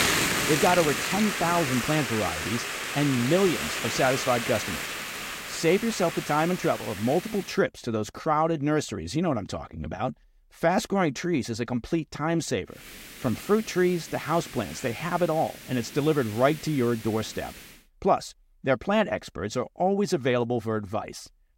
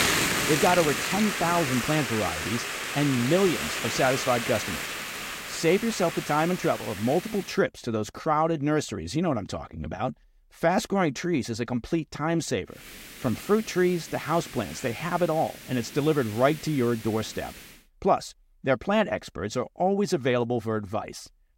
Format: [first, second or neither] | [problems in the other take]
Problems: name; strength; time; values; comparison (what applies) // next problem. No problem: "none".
neither | hiss; loud; until 7.5 s and from 13 to 18 s; 4 dB below the speech; the same in both